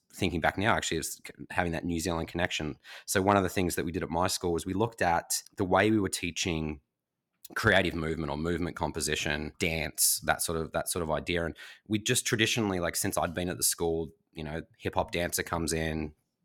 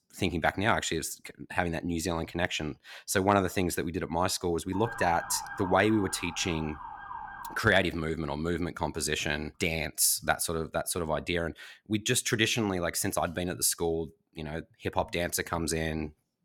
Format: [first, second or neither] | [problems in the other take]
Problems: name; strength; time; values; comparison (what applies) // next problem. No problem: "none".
first | siren; noticeable; from 4.5 to 7.5 s; peak 8 dB below the speech